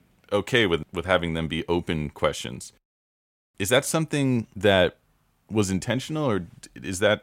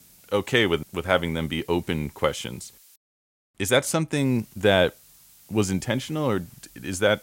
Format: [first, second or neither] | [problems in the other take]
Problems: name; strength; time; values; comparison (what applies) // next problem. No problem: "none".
first | hiss; faint; until 3 s and from 4 s on; 25 dB below the speech